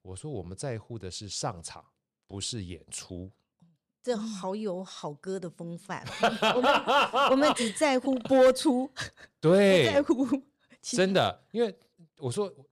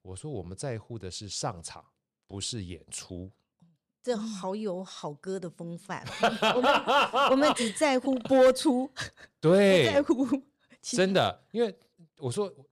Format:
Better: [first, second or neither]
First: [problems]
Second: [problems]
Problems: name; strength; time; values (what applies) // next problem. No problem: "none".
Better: neither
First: none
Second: none